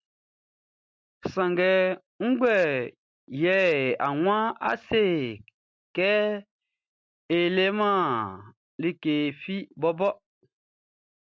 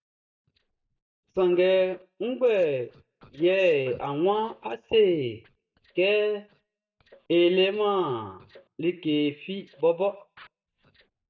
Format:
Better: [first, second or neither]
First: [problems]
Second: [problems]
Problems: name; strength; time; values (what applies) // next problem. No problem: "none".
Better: first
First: none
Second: noise reduction (neural mask model DeepFilterNet 3)